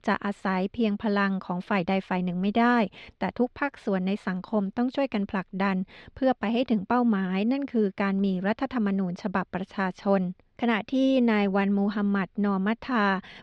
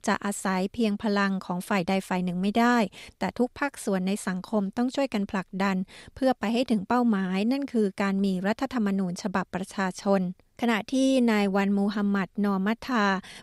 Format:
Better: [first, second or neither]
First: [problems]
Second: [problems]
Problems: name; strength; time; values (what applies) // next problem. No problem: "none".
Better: second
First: muffled; slightly; fading above 3.5 kHz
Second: none